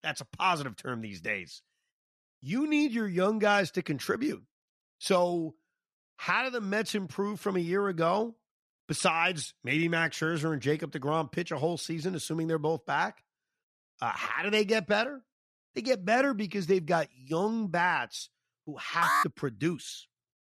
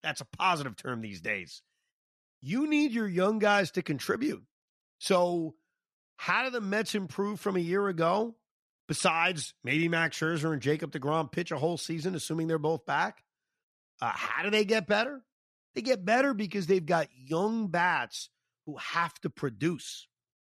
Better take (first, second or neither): second